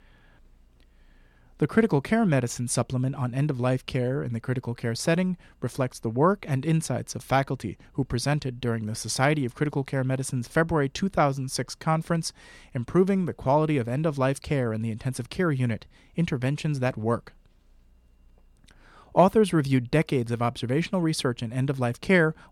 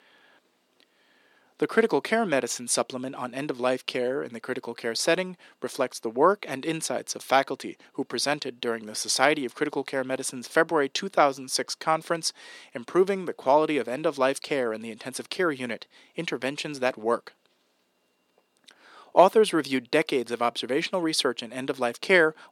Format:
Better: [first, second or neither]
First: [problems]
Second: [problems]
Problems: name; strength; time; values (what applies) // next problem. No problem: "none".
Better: first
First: none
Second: thin; somewhat; fading below 300 Hz